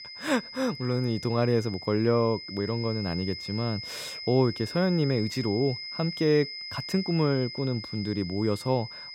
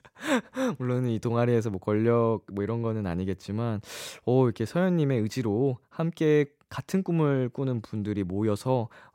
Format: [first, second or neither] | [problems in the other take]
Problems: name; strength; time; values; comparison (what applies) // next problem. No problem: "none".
second | high-pitched whine; loud; throughout; 5 kHz, 9 dB below the speech